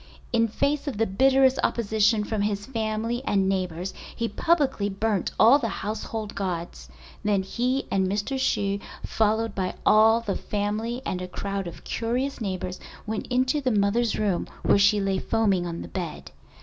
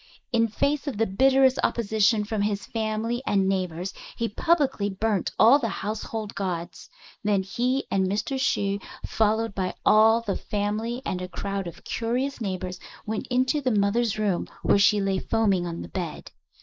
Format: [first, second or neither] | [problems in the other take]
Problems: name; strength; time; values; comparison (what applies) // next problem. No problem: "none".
first | noise reduction (neural mask model Resemble Enhance denoiser)